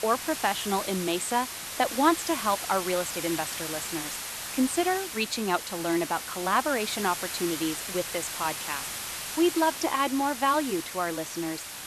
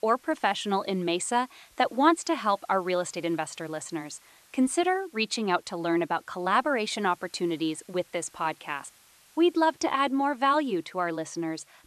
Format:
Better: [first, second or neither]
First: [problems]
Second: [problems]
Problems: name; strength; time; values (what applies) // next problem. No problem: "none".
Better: second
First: hiss; loud; throughout; 5 dB below the speech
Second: hiss; faint; throughout; 30 dB below the speech